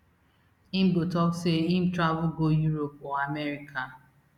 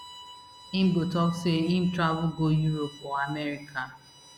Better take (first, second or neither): first